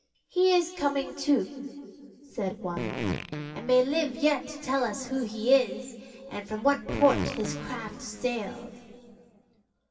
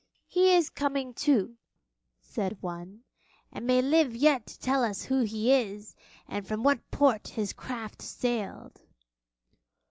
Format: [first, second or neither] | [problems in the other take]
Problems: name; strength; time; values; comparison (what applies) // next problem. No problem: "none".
second | background sound (Fart); 8 dB below the speech // room echo; dies away in 2.4 s